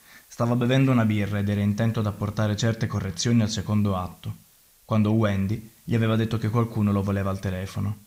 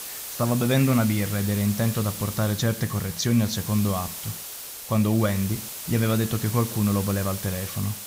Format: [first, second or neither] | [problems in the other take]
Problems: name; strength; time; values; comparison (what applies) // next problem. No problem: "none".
first | hiss; loud; throughout; 8 dB below the speech; faint in the first